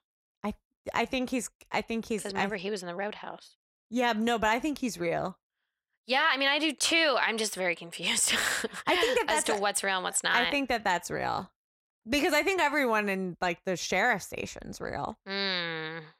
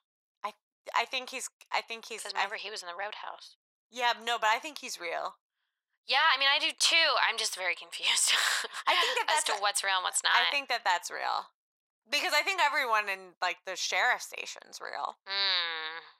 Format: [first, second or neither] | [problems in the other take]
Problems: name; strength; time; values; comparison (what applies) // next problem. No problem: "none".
first | thin; very; fading below 800 Hz